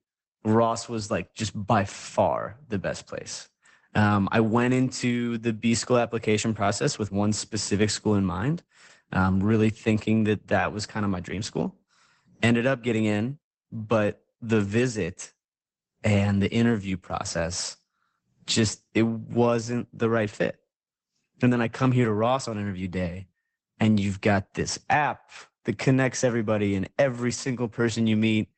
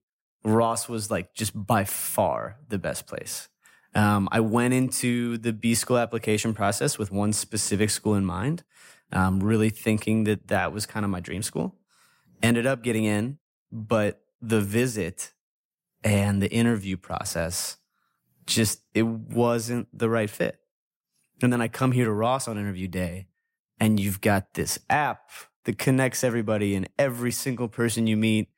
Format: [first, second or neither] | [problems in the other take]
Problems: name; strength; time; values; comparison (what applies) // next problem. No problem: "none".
second | garbled, watery; badly; nothing above 8 kHz